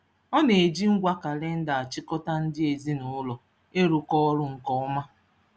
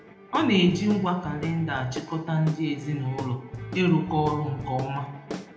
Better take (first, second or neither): first